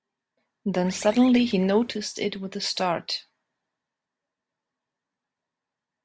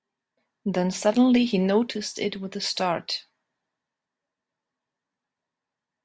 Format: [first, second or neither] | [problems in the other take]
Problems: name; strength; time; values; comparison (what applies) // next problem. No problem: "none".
second | background sound (Bird); 17 dB below the speech